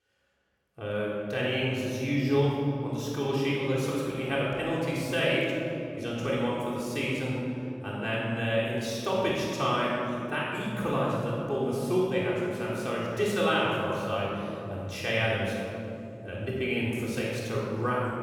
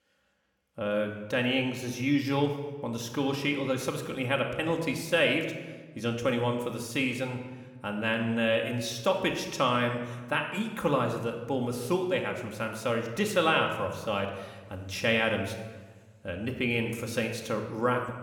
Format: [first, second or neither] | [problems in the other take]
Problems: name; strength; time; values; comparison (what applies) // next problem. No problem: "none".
second | room echo; strong; dies away in 3 s; slight in the second // off-mic speech; far